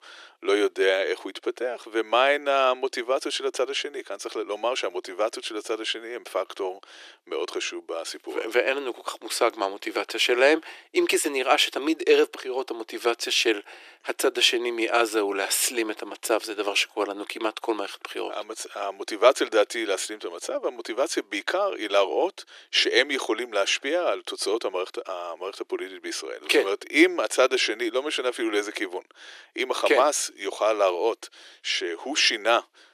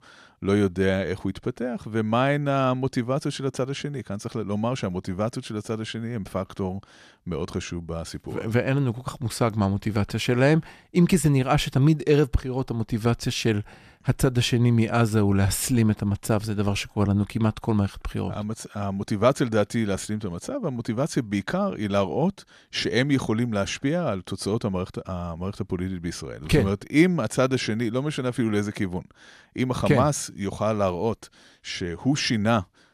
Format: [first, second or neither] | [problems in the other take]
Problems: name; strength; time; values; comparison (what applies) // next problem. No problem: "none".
second | thin; very; fading below 350 Hz